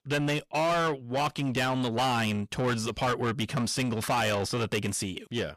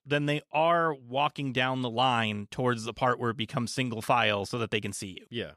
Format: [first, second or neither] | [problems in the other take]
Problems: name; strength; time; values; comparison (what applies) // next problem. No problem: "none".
second | distortion; heavy; 6 dB below the speech